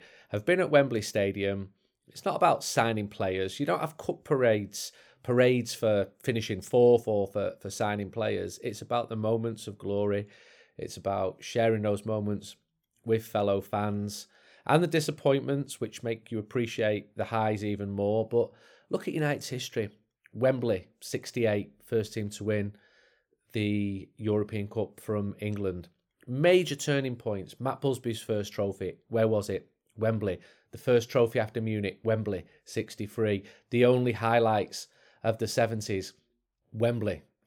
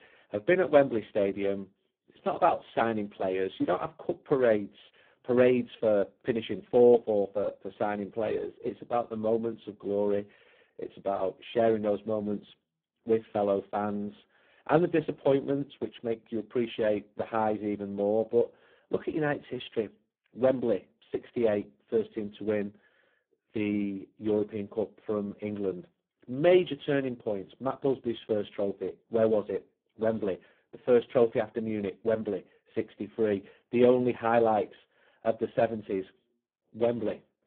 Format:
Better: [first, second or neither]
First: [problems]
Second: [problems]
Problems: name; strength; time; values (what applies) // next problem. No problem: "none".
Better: first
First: none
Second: phone-call audio; poor line